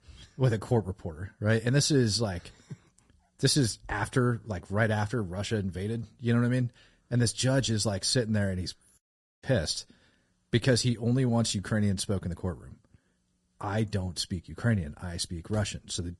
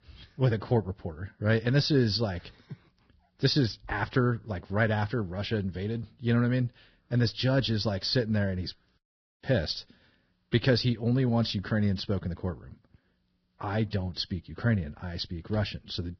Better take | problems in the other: first | garbled, watery; badly; nothing above 5.5 kHz; slightly in the first

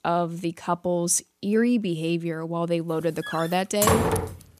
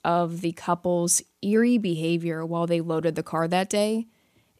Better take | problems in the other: second | door banging; loud; from 3.5 s on; peak 4 dB above the speech

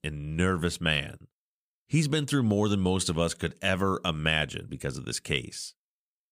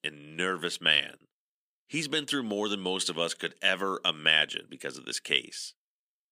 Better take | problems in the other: first | thin; somewhat; fading below 250 Hz

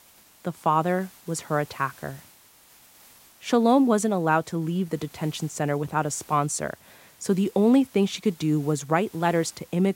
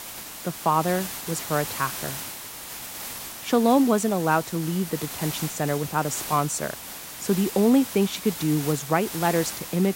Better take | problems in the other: first | hiss; loud; throughout; 9 dB below the speech; faint in the first

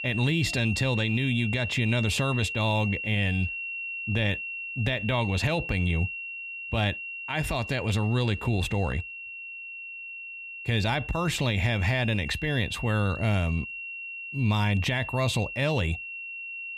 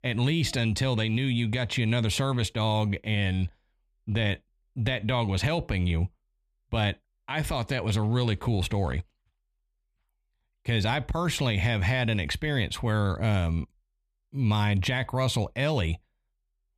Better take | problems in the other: second | high-pitched whine; loud; throughout; 2.5 kHz, 7 dB below the speech

